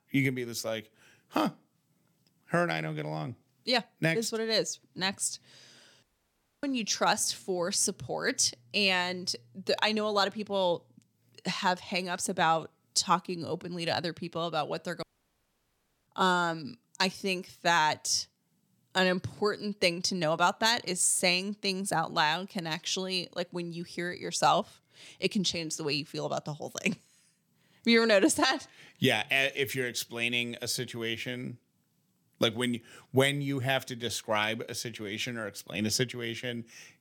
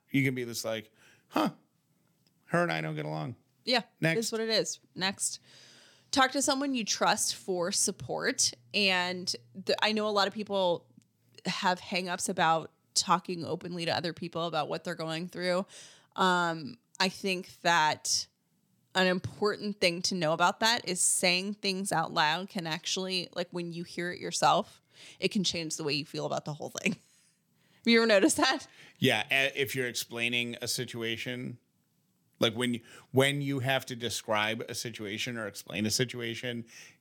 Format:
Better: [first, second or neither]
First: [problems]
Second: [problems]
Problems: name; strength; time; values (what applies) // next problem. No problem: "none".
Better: second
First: audio cutting out; at 6 s for 0.5 s and at 15 s for 1 s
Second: none